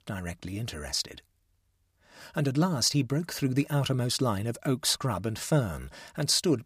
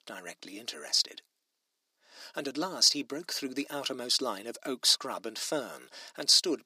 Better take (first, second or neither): first